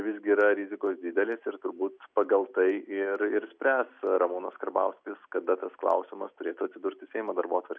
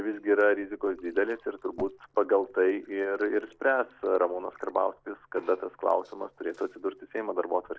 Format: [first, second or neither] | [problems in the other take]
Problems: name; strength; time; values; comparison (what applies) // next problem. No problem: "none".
first | noise reduction (neural separator model SepFormer DNS4)